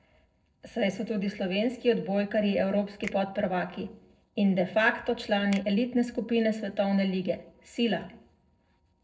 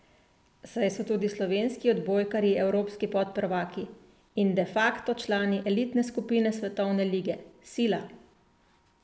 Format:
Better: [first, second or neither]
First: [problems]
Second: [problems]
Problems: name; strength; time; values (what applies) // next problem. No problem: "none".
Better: second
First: noise reduction (neural separator model SepFormer DNS4)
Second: none